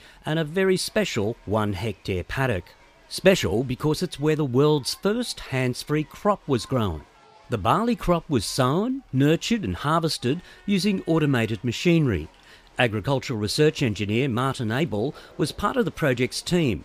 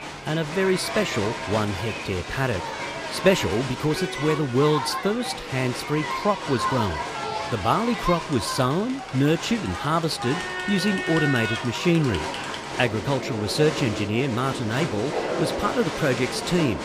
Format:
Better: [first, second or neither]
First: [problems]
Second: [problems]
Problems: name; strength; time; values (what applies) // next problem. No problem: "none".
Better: first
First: crowd noise; faint; throughout; 30 dB below the speech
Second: crowd noise; loud; throughout; 5 dB below the speech